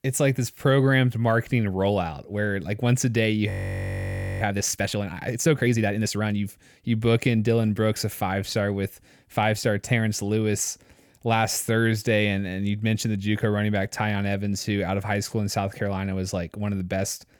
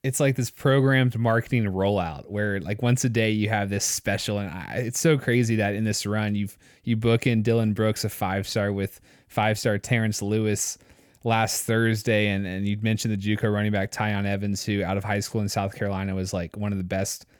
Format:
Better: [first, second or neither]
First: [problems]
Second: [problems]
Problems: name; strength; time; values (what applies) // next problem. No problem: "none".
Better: second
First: audio freezing; at 3.5 s for 1 s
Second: none